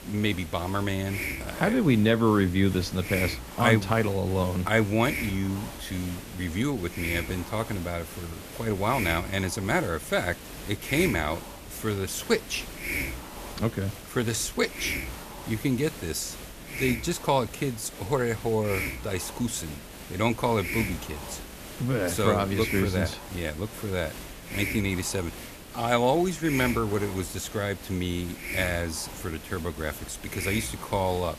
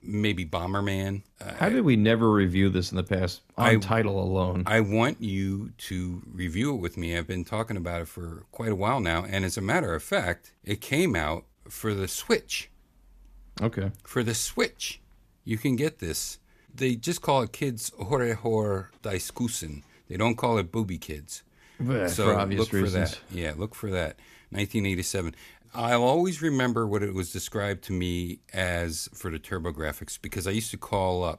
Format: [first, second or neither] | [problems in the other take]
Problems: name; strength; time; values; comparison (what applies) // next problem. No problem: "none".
second | hiss; loud; throughout; 9 dB below the speech